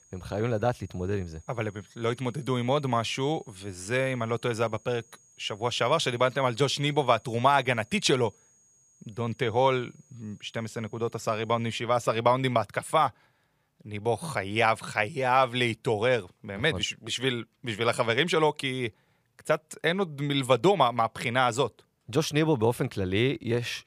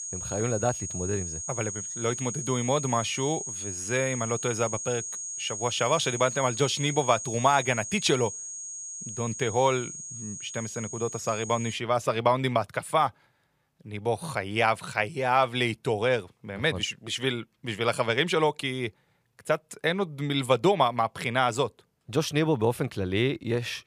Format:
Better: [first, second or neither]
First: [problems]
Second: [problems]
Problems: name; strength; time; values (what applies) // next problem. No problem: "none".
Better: first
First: high-pitched whine; faint; until 12 s; 6.5 kHz, 30 dB below the speech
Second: high-pitched whine; loud; until 12 s; 6.5 kHz, 6 dB below the speech